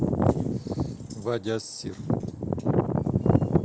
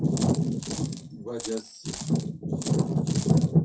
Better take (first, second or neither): first